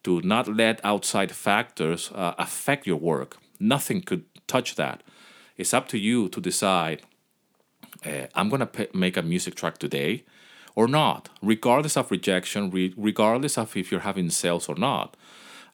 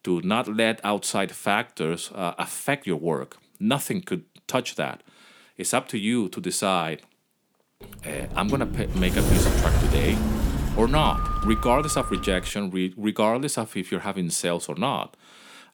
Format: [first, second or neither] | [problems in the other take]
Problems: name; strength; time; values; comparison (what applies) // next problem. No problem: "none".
first | door banging; loud; from 8 to 12 s; peak 4 dB above the speech